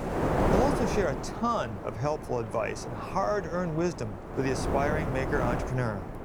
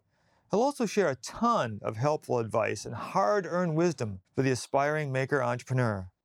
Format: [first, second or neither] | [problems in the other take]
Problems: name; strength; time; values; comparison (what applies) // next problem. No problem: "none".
second | wind noise on the microphone; heavy; 3 dB below the speech